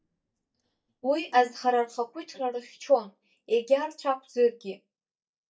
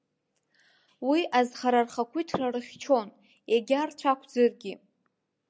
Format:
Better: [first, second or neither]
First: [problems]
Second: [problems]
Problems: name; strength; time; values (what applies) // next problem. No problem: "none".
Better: second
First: noise reduction (neural mask model DeepFilterNet 3)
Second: none